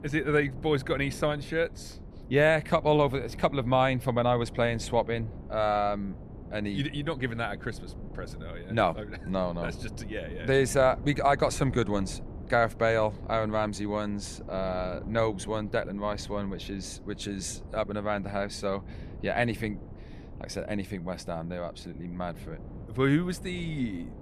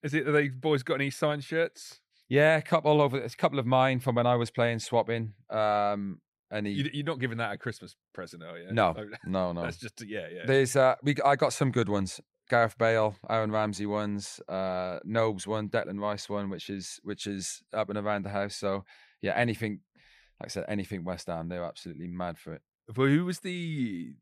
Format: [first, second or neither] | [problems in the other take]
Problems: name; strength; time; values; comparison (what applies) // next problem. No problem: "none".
second | wind noise on the microphone; occasional gusts; 20 dB below the speech